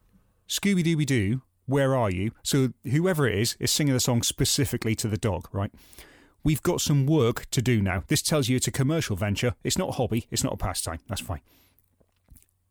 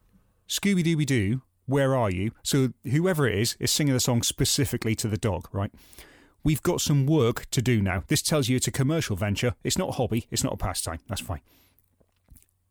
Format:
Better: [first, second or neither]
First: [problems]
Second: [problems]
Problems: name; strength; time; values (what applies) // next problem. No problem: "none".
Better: neither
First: none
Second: none